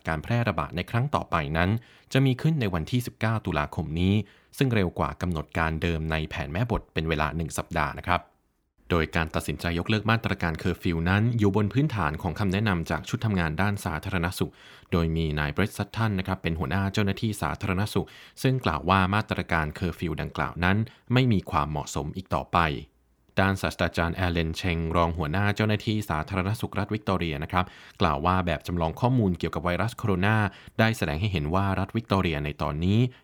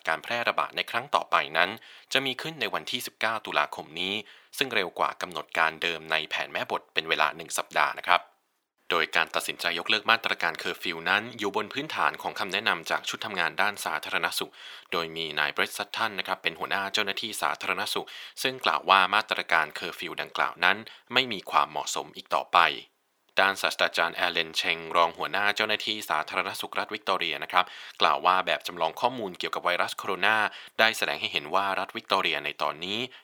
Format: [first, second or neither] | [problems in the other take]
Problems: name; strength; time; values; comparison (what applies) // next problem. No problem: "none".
first | thin; very; fading below 600 Hz